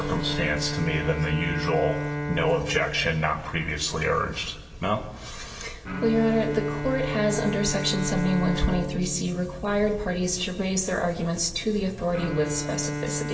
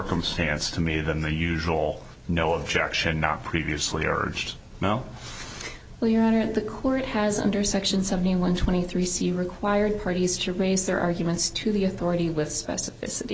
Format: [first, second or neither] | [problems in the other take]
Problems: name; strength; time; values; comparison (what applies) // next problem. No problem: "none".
second | background sound (Bowed string instrument); 7 dB below the speech // room echo; dies away in 1.2 s